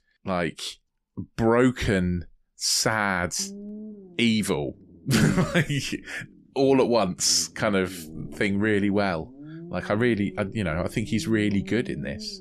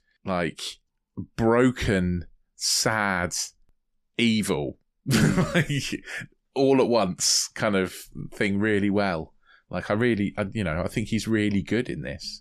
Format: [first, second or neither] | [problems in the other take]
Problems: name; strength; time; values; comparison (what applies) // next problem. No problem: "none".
second | low rumble; faint; from 3.5 s on; 20 dB below the speech